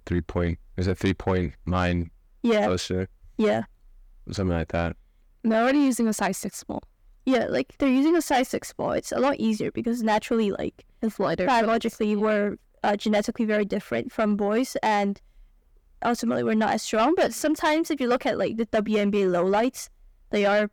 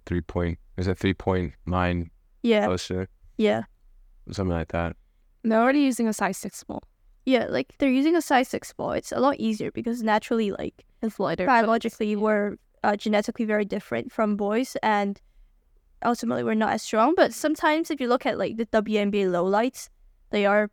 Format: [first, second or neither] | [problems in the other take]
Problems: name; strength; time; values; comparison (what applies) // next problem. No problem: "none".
second | distortion; slight; 10 dB below the speech